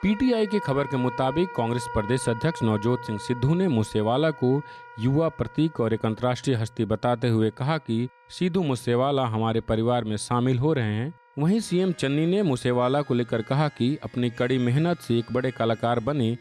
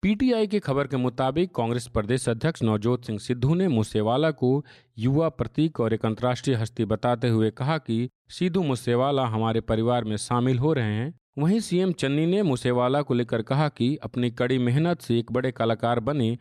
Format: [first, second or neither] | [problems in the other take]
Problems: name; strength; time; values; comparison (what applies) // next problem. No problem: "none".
second | background music; noticeable; throughout; 15 dB below the speech